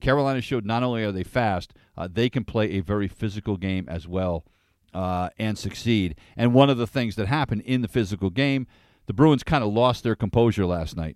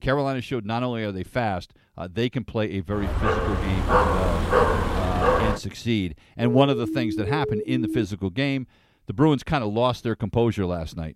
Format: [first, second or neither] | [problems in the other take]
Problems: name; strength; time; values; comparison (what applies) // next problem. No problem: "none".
first | dog barking; loud; from 3 to 5.5 s; peak 6 dB above the speech // siren; noticeable; from 6.5 to 8 s; peak 3 dB below the speech